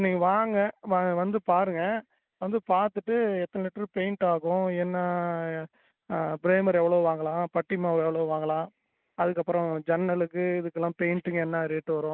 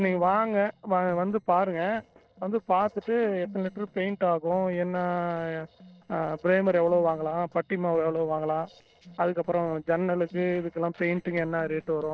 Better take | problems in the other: first | noise reduction (neural separator model SepFormer DNS4)

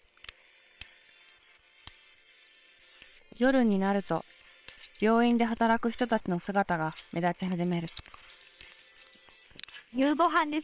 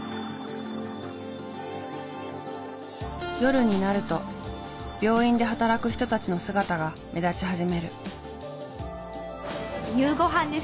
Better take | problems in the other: second | noise reduction (neural separator model SepFormer WHAM!)

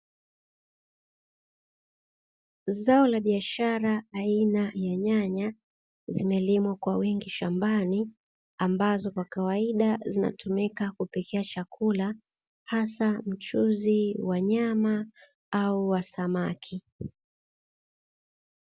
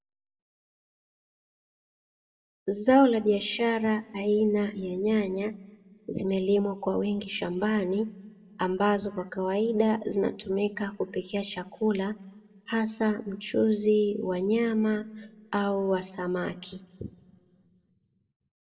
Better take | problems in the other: first | room echo; dies away in 0.9 s

